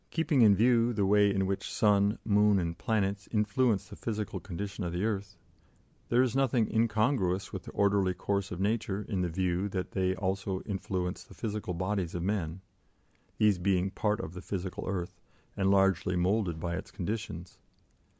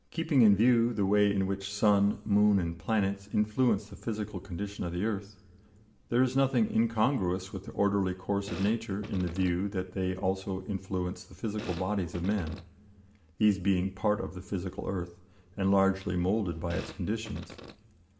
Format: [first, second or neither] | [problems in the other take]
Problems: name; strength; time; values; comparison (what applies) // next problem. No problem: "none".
first | background sound (Fart); 16 dB below the speech // room echo; dies away in 0.7 s